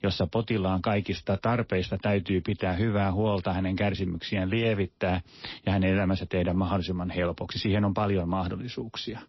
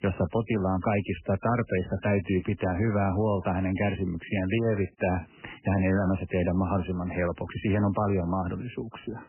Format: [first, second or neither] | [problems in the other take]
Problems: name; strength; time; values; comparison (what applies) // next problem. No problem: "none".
first | garbled, watery; badly; nothing above 3 kHz; slightly in the first